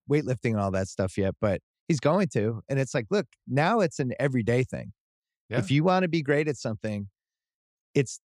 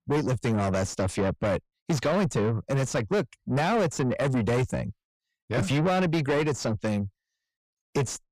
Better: first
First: none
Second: distortion; heavy; 6 dB below the speech

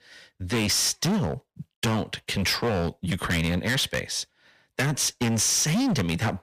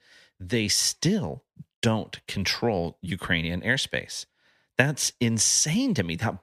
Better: second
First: distortion; heavy; 21% of the sound clipped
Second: none

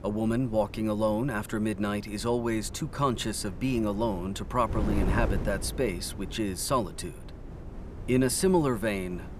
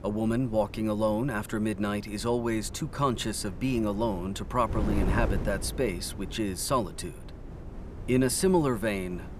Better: neither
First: wind noise on the microphone; occasional gusts; 15 dB below the speech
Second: wind noise on the microphone; occasional gusts; 15 dB below the speech

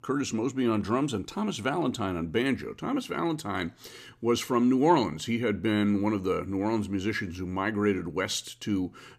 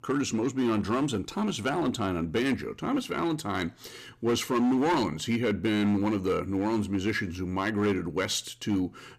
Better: first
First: none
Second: distortion; slight; 8% of the sound clipped

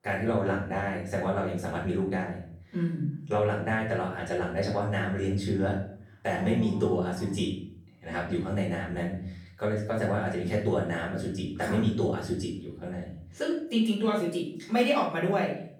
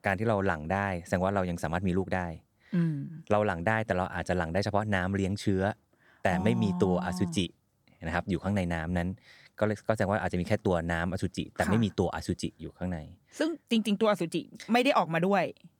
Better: second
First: off-mic speech; far // room echo; noticeable; dies away in 0.5 s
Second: none

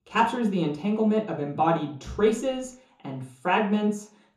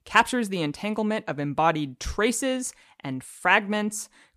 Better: second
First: room echo; slight; dies away in 0.6 s // off-mic speech; far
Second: none

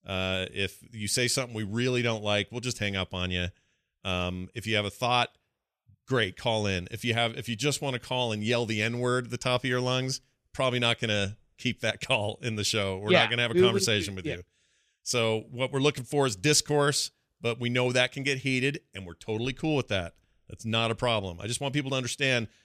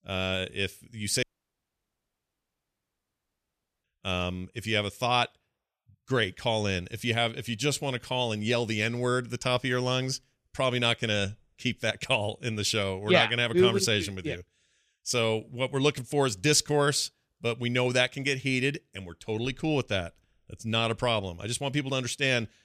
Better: first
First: none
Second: audio cutting out; at 1 s for 2.5 s

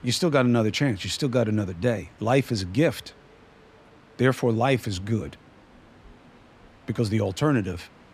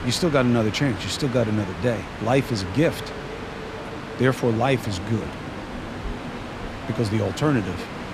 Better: first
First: train or aircraft noise; faint; throughout; 30 dB below the speech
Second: train or aircraft noise; loud; throughout; 10 dB below the speech

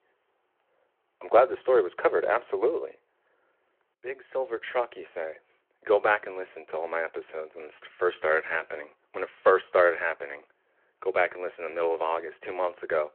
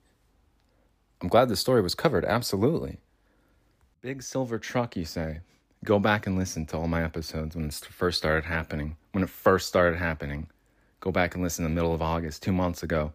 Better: second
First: phone-call audio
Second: none

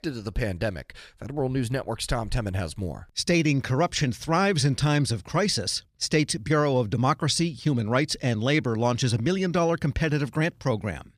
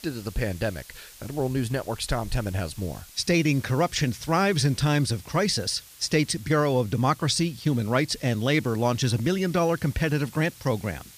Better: first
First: none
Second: hiss; faint; throughout; 20 dB below the speech

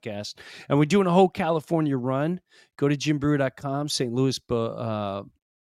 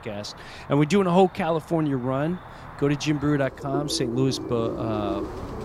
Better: first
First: none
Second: animal sounds; noticeable; throughout; 10 dB below the speech

